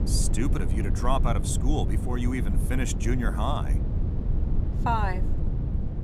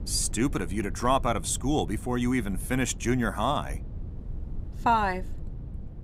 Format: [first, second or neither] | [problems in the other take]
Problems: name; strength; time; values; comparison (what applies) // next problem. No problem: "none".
second | low rumble; loud; throughout; 9 dB below the speech; faint in the second